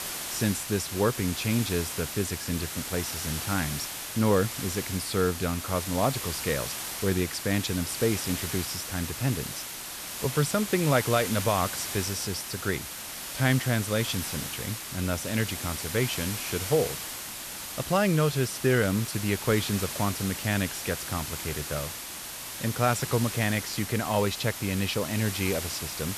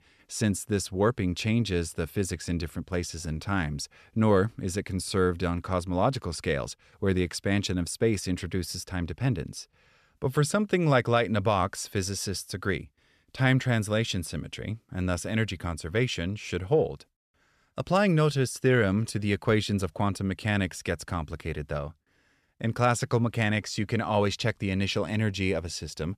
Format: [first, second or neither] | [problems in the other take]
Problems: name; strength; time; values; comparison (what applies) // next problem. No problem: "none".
second | hiss; loud; throughout; 5 dB below the speech